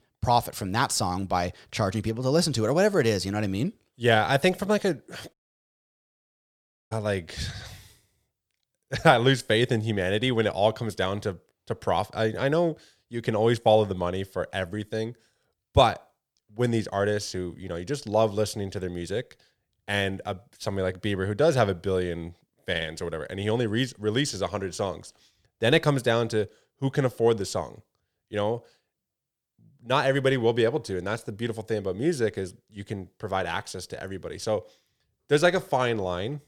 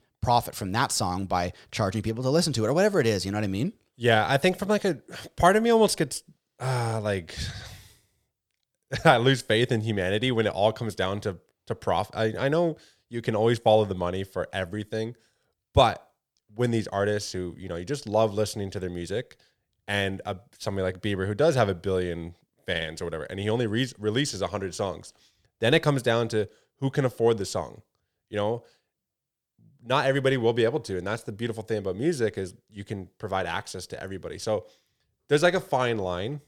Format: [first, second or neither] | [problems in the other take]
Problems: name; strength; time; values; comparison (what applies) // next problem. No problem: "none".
second | audio cutting out; at 5.5 s for 1.5 s